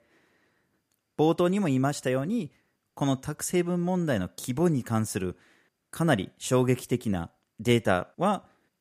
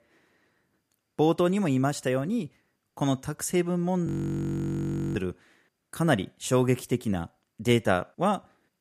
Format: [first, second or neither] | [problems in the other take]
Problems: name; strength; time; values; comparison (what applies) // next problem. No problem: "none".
first | audio freezing; at 4 s for 1 s